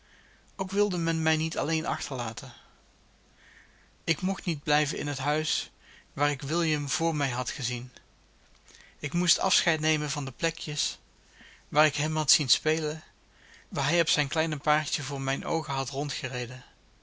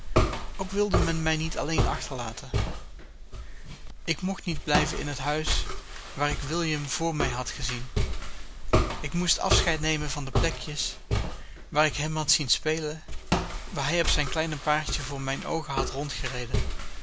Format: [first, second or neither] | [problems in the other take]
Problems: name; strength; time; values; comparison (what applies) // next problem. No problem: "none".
first | background sound (Walk, footsteps); as loud as the speech